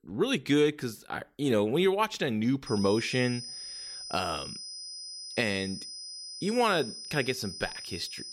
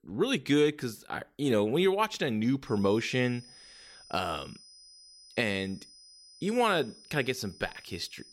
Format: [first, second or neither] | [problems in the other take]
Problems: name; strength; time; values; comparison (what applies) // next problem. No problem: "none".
second | high-pitched whine; loud; from 2.5 s on; 5 kHz, 9 dB below the speech; faint in the second